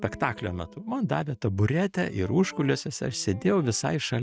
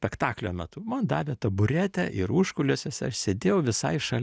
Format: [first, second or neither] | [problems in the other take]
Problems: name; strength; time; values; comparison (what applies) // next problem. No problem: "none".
second | noise reduction (neural mask model RNNoise)